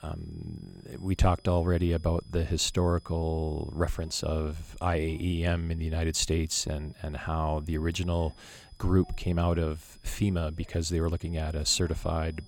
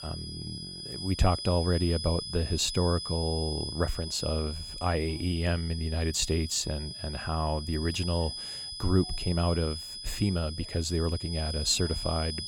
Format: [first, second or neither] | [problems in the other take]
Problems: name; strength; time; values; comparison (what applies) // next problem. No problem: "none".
first | high-pitched whine; loud; throughout; 5 kHz, 7 dB below the speech; faint in the first